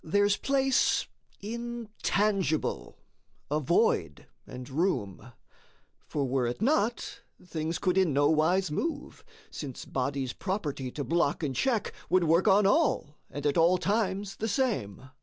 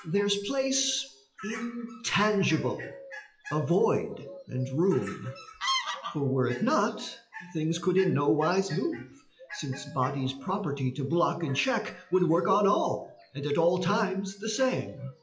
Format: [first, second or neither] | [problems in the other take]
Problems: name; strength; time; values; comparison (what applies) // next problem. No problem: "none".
first | noise reduction (classical method WPE with log-MMSE)